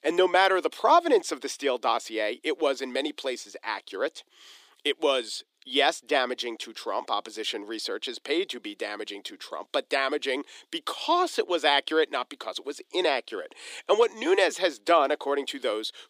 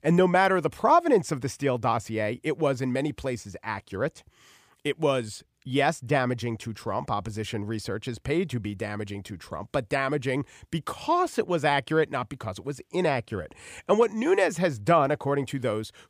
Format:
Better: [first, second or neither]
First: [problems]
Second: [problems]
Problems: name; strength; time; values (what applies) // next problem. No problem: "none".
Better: second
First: thin; somewhat; fading below 300 Hz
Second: none